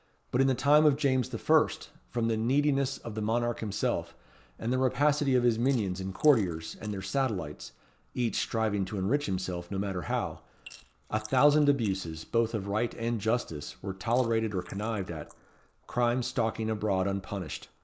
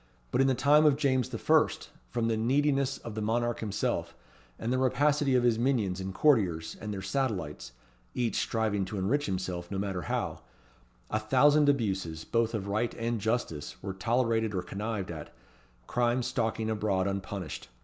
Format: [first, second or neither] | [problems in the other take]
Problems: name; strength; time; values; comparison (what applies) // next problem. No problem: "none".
second | noise reduction (neural mask model Resemble Enhance denoiser)